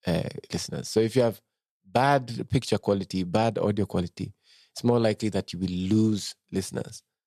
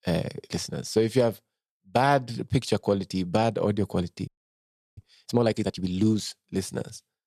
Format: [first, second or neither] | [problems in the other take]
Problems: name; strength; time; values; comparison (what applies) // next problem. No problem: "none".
first | audio freezing; at 4.5 s for 0.5 s